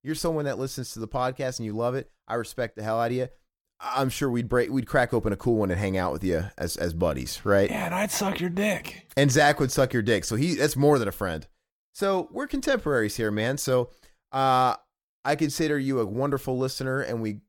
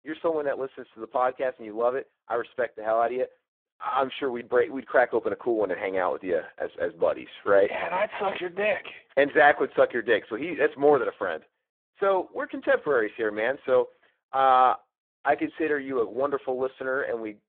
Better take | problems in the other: first | phone-call audio; poor line

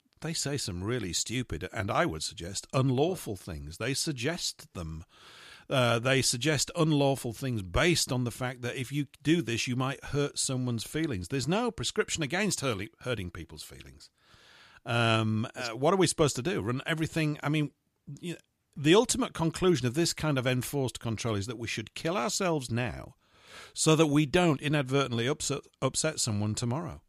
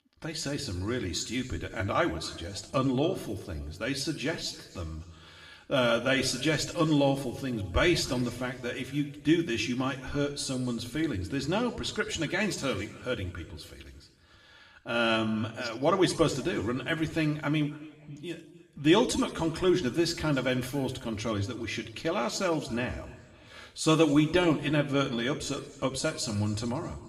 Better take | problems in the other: first | room echo; slight; dies away in 1.5 s // off-mic speech; somewhat distant

